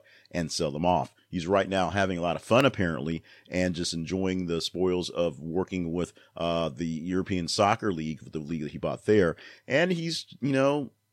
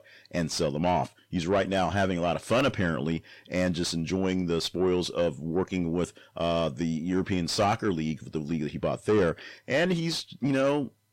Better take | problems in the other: first | distortion; slight; 10 dB below the speech

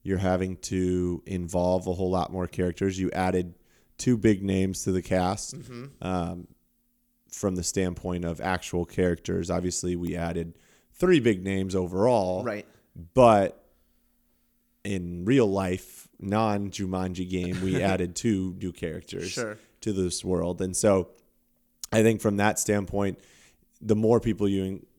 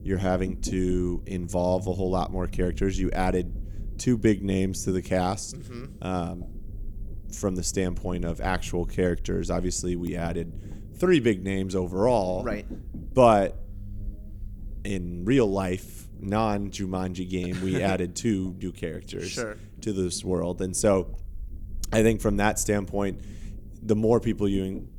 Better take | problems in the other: first | low rumble; faint; throughout; 25 dB below the speech

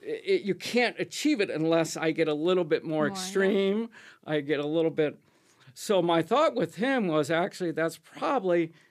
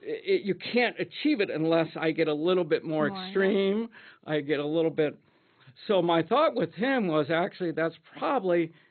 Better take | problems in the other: first | garbled, watery; badly; nothing above 4 kHz

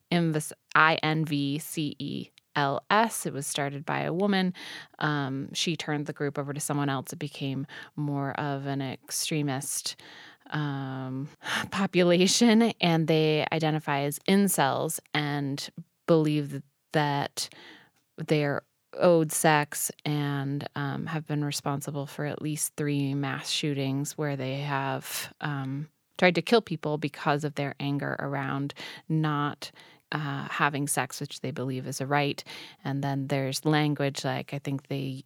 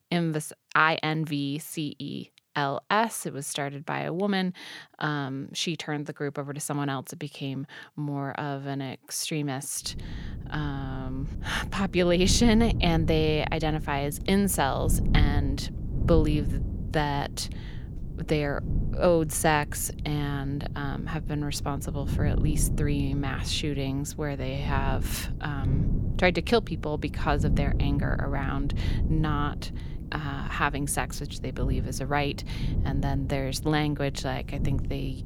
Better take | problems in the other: first | wind noise on the microphone; occasional gusts; from 10 s on; 15 dB below the speech

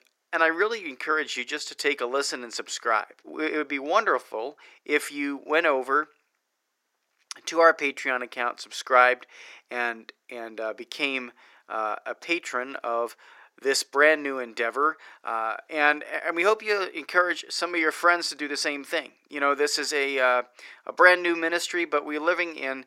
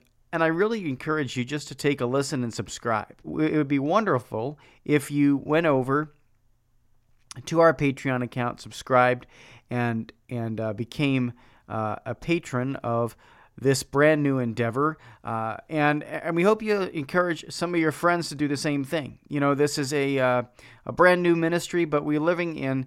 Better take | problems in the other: second | thin; somewhat; fading below 350 Hz

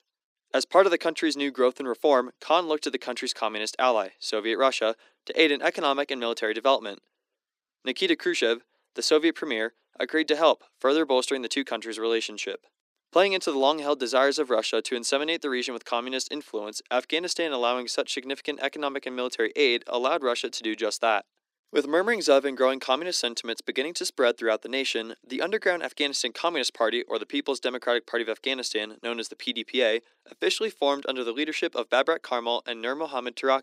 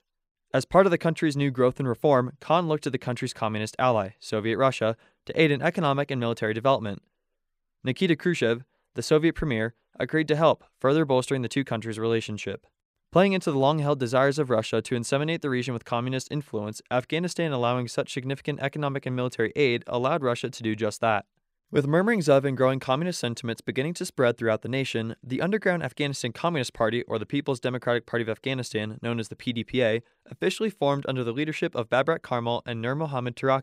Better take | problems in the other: second | thin; somewhat; fading below 250 Hz

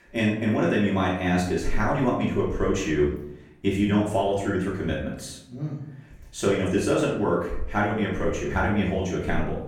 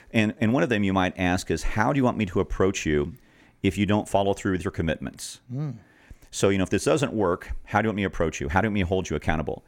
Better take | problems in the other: second | off-mic speech; far // room echo; noticeable; dies away in 0.6 s

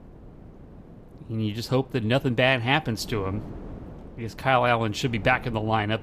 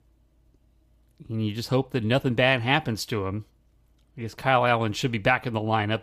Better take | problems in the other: second | wind noise on the microphone; occasional gusts; 25 dB below the speech

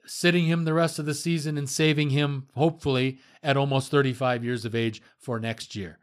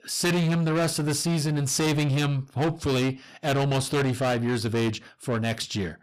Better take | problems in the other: first | distortion; heavy; 6 dB below the speech

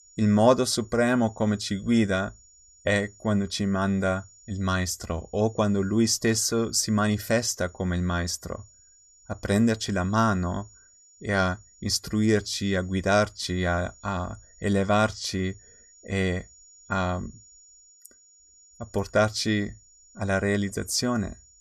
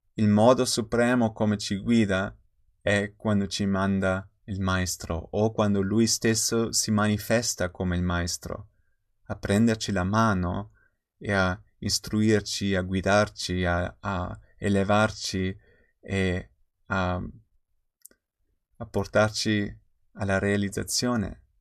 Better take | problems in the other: second | high-pitched whine; faint; throughout; 7 kHz, 25 dB below the speech

